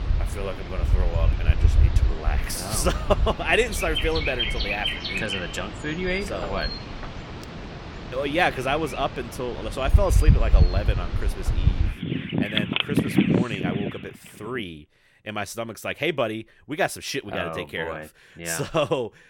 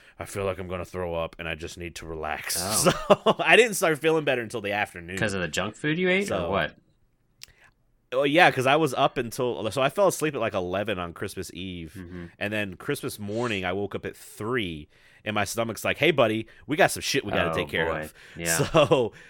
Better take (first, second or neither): second